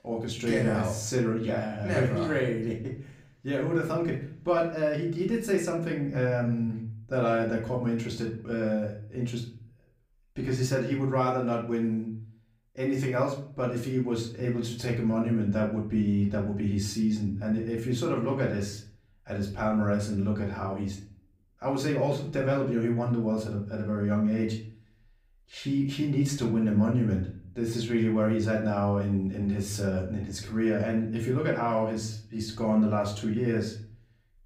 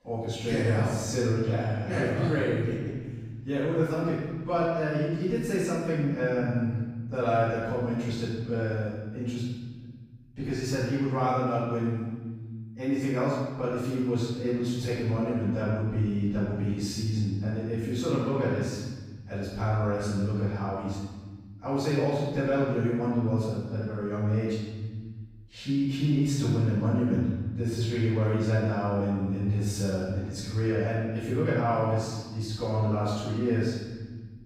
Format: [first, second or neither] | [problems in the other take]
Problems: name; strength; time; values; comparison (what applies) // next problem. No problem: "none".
first | room echo; strong; dies away in 1.5 s; slight in the first // off-mic speech; far; far in the first